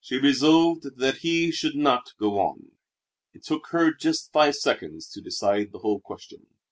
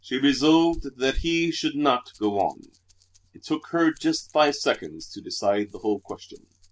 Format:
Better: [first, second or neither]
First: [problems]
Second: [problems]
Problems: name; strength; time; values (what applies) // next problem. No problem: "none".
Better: first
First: none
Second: background sound (Rattle); 17 dB below the speech